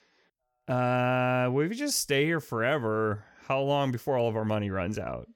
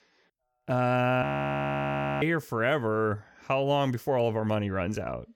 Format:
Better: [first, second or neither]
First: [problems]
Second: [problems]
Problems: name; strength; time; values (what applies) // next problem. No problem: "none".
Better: first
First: none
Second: audio freezing; at 1 s for 1 s